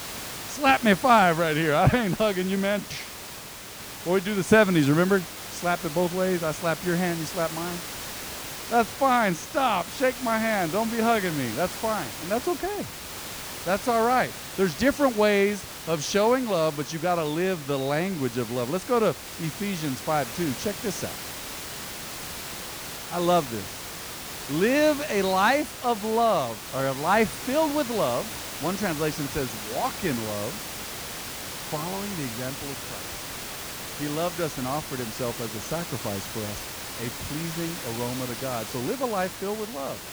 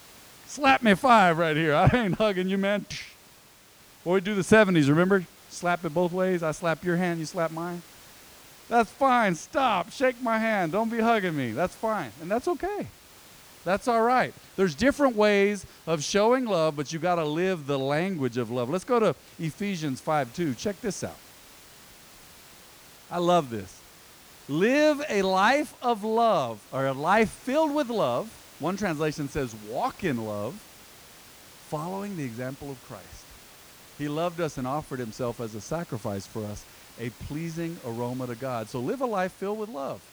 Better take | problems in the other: second | hiss; loud; throughout; 9 dB below the speech; faint in the second

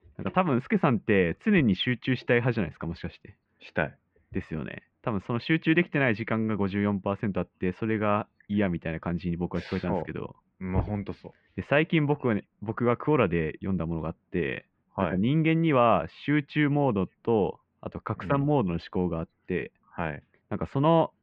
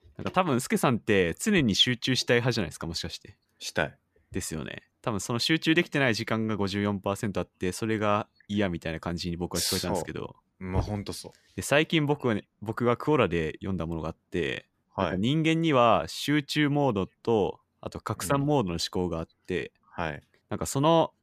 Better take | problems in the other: second | muffled; very; fading above 2.5 kHz

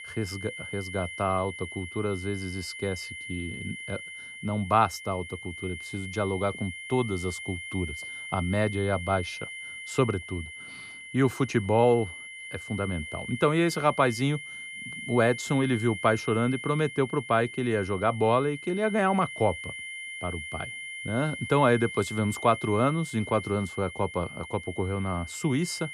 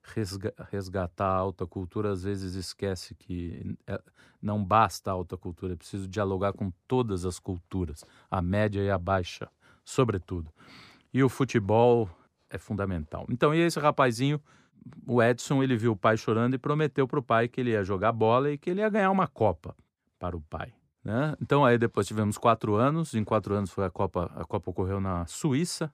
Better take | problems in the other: second | high-pitched whine; loud; throughout; 2 kHz, 10 dB below the speech

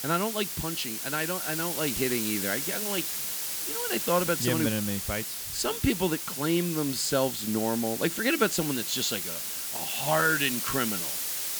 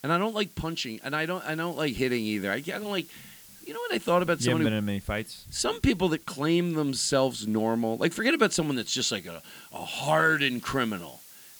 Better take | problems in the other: second | hiss; loud; throughout; 2 dB below the speech; faint in the second

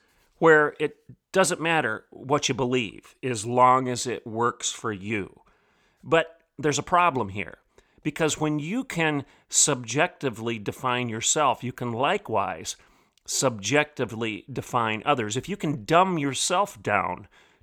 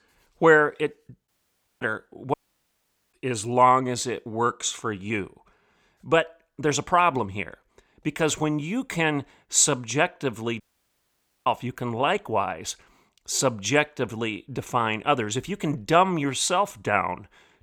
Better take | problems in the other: first | audio cutting out; at 1.5 s for 0.5 s, at 2.5 s for 1 s and at 11 s for 1 s

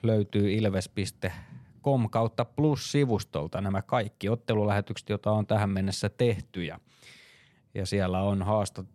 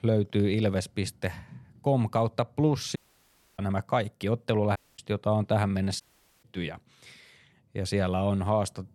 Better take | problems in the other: first | audio cutting out; at 3 s for 0.5 s, at 5 s and at 6 s

